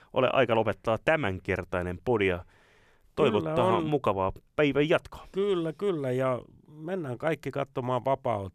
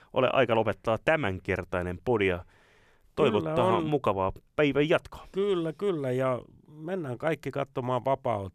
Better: neither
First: none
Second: none

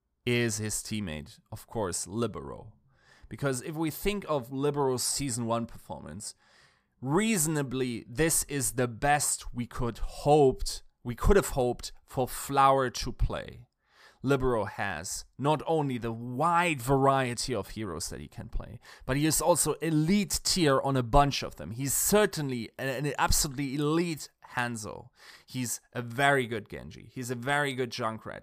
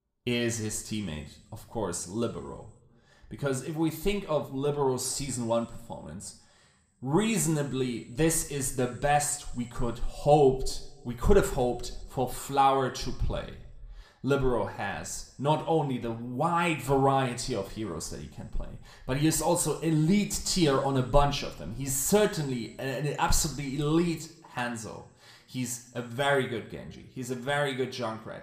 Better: first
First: none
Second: room echo; very slight; dies away in 0.6 s

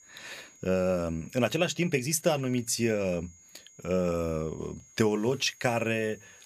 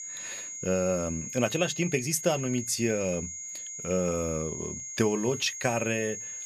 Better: first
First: high-pitched whine; faint; throughout; 6.5 kHz, 25 dB below the speech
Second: high-pitched whine; loud; throughout; 6.5 kHz, 7 dB below the speech

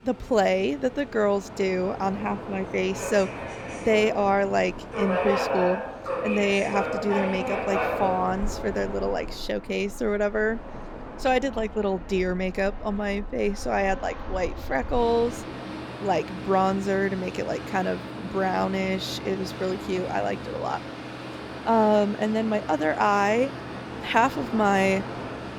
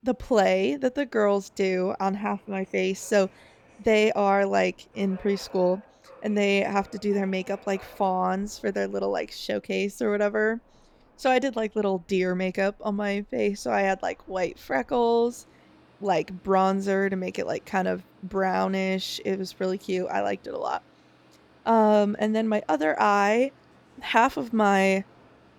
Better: second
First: train or aircraft noise; loud; throughout; 8 dB below the speech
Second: train or aircraft noise; faint; throughout; 30 dB below the speech

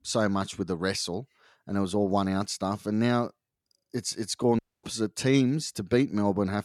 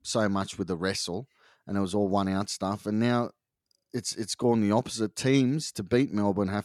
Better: second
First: audio cutting out; at 4.5 s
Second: none

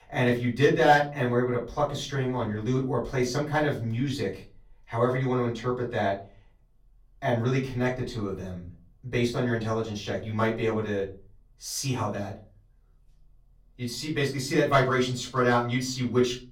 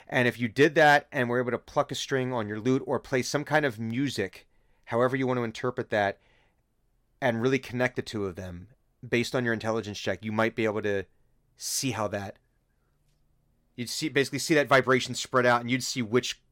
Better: second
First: room echo; slight; dies away in 0.4 s // off-mic speech; far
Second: none

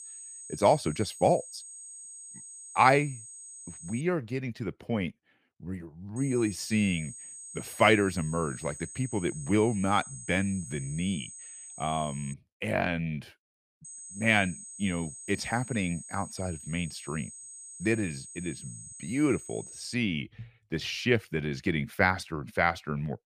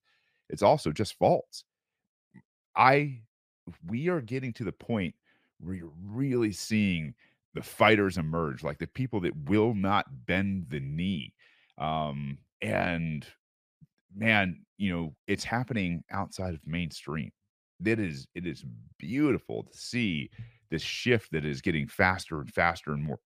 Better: second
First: high-pitched whine; noticeable; until 4 s, from 6 to 12 s and from 14 to 20 s; 8 kHz, 15 dB below the speech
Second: none

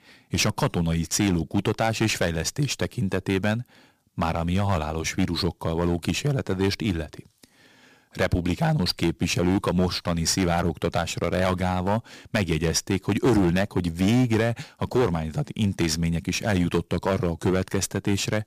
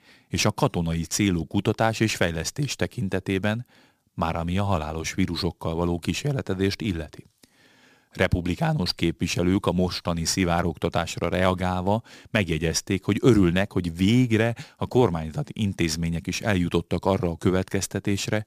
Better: second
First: distortion; slight; 5% of the sound clipped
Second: none

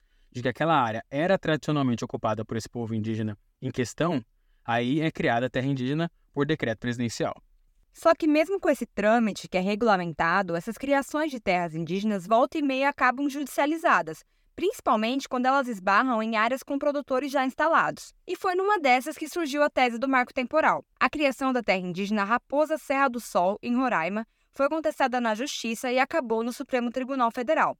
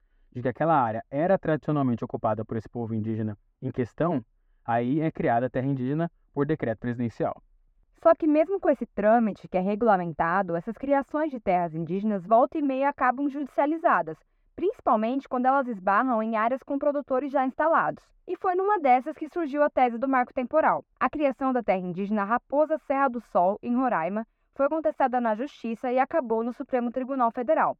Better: first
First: none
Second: muffled; very; fading above 3 kHz

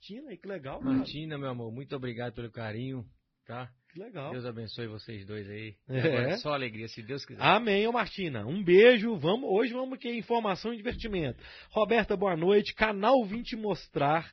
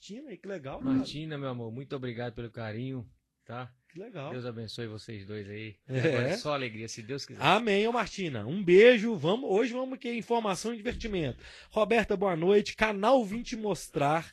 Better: second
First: garbled, watery; badly; nothing above 5.5 kHz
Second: garbled, watery; slightly

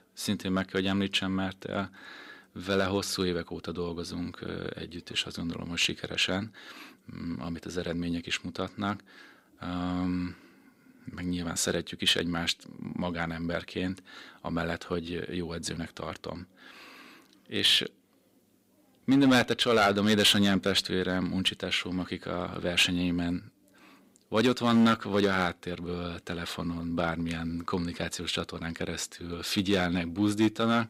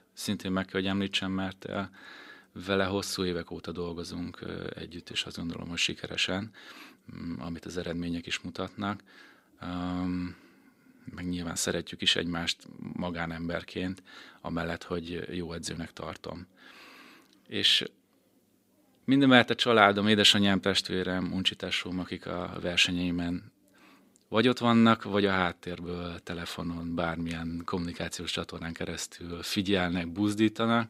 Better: second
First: distortion; slight; 1.3% of the sound clipped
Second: none

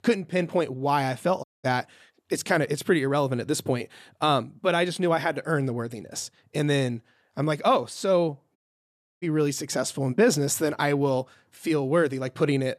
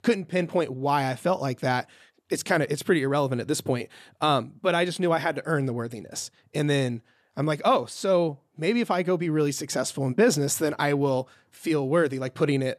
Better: second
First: audio cutting out; at 1.5 s and at 8.5 s for 0.5 s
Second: none

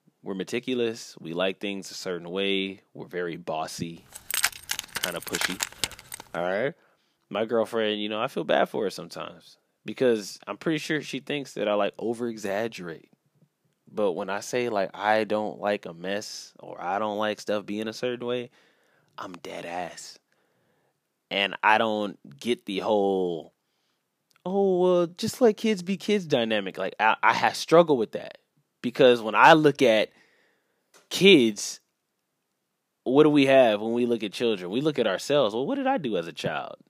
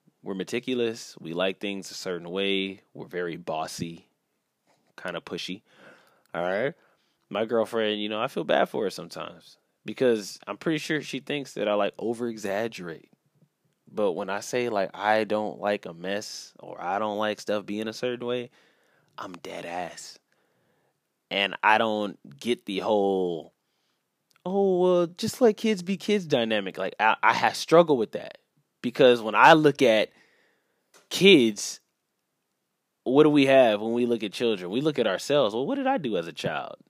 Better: second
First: jangling keys; noticeable; from 4 to 6 s; peak 1 dB below the speech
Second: none

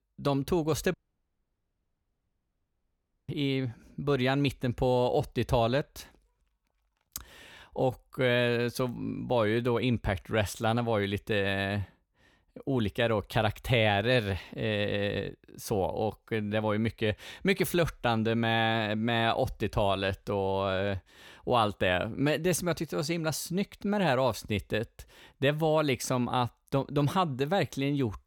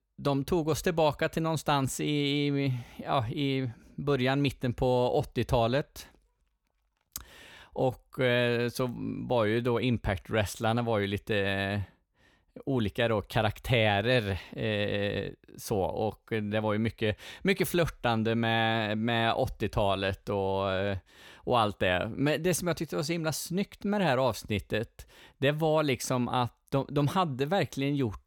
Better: second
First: audio cutting out; at 1 s for 2.5 s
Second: none

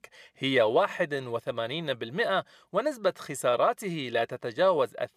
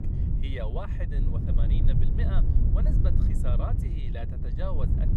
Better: first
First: none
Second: low rumble; loud; throughout; 1 dB below the speech

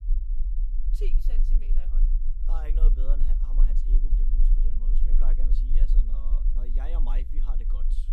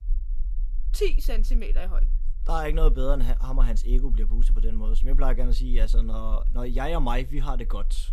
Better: second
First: low rumble; loud; throughout; 5 dB below the speech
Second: low rumble; faint; throughout; 25 dB below the speech

